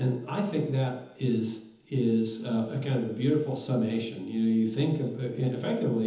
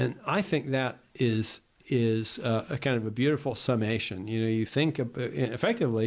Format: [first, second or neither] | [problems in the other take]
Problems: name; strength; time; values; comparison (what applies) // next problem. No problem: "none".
second | room echo; dies away in 1.3 s